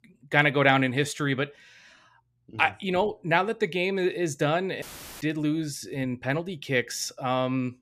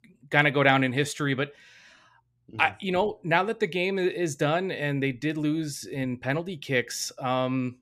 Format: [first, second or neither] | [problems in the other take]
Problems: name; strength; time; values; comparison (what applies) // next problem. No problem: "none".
second | audio cutting out; filled with static; at 5 s